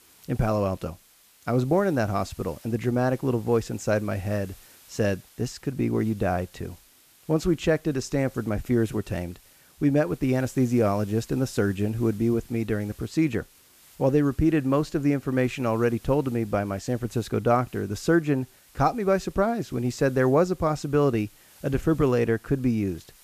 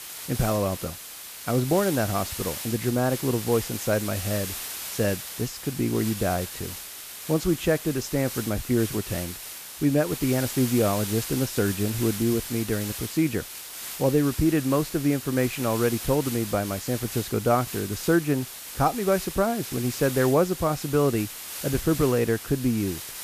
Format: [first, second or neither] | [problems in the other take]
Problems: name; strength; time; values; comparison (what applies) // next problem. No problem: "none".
first | hiss; loud; throughout; 8 dB below the speech; faint in the first